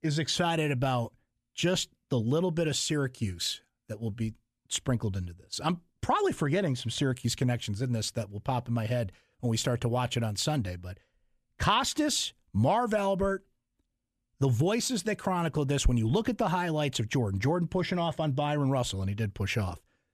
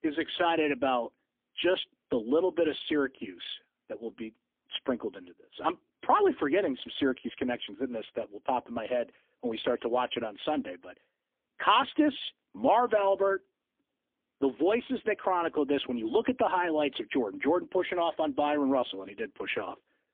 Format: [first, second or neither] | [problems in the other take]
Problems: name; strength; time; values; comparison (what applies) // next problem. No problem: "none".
first | phone-call audio; poor line; nothing above 3.5 kHz